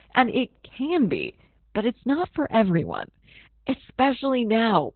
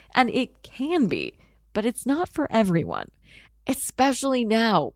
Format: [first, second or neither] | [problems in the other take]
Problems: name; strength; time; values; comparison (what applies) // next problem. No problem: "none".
second | garbled, watery; badly; nothing above 4 kHz; slightly in the second